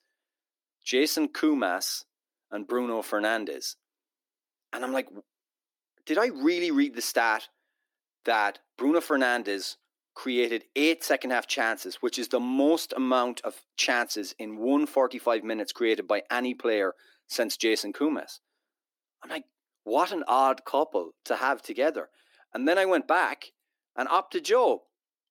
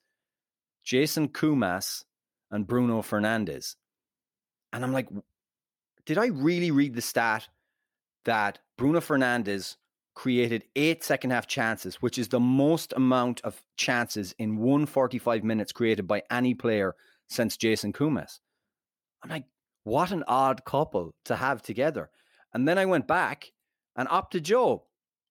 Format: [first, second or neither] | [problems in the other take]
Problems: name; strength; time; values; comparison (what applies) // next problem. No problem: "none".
second | thin; very slightly; fading below 300 Hz